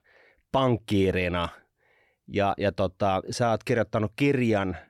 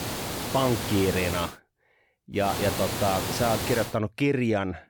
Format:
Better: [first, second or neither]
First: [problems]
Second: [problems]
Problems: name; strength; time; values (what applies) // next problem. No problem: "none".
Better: first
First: none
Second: hiss; loud; until 1.5 s and from 2.5 to 4 s; 4 dB below the speech